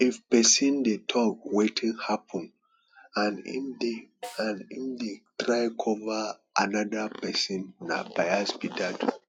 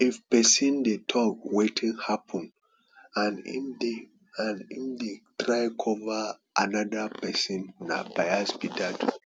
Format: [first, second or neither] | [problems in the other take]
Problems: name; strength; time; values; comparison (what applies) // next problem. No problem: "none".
second | noise reduction (classical method log-MMSE)